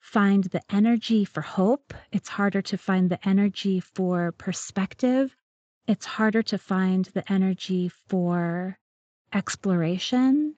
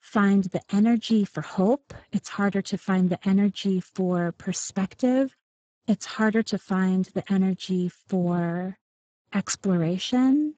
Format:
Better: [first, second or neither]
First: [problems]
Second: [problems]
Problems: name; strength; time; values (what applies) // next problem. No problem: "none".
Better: first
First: garbled, watery; slightly; nothing above 7.5 kHz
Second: garbled, watery; badly; nothing above 7.5 kHz